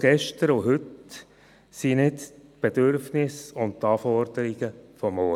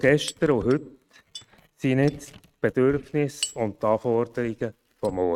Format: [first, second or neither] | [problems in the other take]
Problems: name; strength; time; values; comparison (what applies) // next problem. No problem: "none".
first | noise reduction (neural mask model RNNoise)